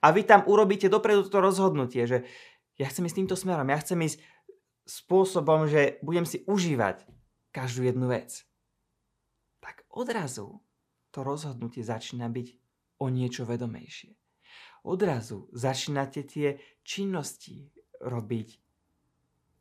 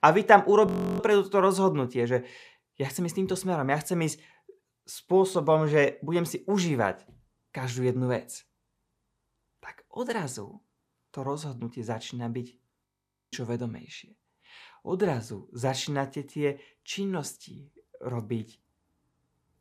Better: first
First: none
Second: audio freezing; at 0.5 s and at 13 s

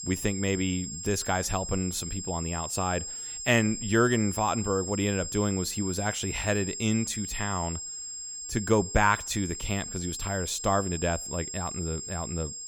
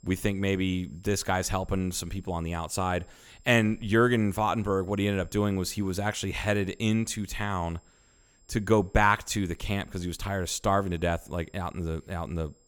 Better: second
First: high-pitched whine; loud; throughout; 7.5 kHz, 6 dB below the speech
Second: high-pitched whine; faint; throughout; 7.5 kHz, 35 dB below the speech

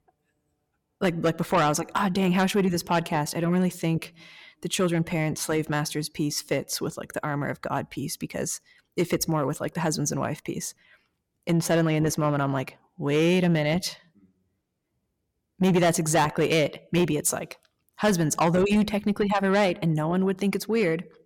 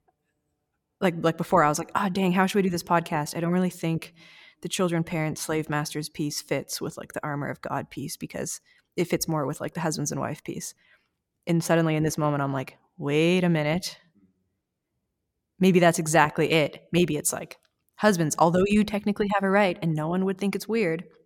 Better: second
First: distortion; slight; 10 dB below the speech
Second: none

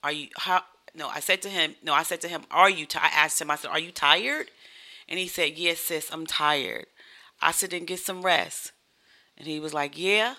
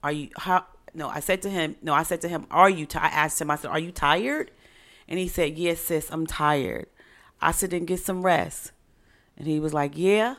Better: second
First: thin; somewhat; fading below 650 Hz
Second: none

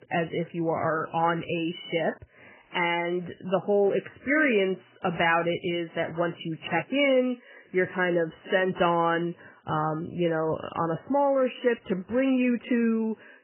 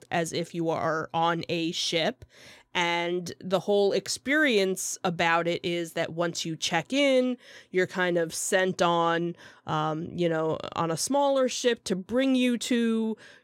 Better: second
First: garbled, watery; badly; nothing above 3 kHz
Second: none

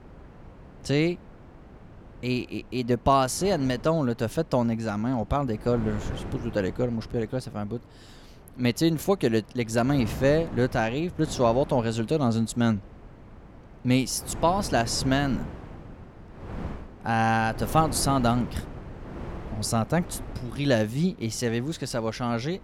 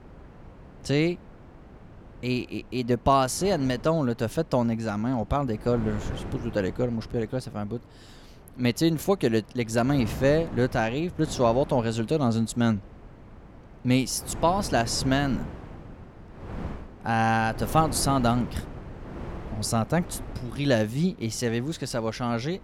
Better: neither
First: wind noise on the microphone; occasional gusts; 20 dB below the speech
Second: wind noise on the microphone; occasional gusts; 20 dB below the speech

